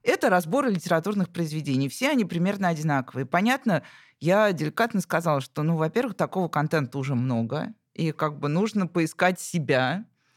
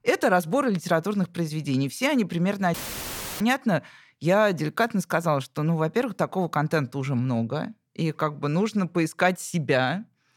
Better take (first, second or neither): first